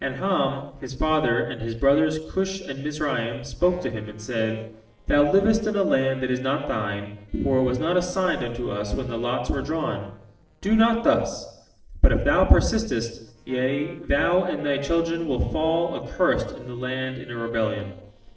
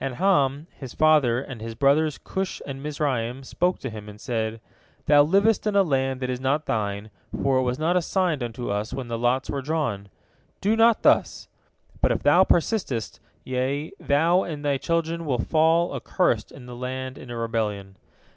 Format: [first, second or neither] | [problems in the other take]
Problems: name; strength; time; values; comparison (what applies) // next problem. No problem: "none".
second | noise reduction (neural separator model SepFormer DNS4)